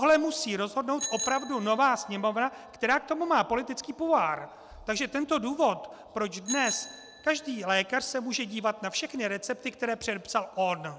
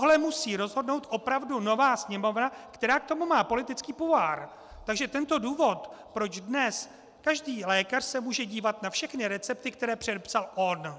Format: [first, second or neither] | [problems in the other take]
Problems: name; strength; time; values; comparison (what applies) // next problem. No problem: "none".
second | background sound (Bicycle bell); 15 dB below the speech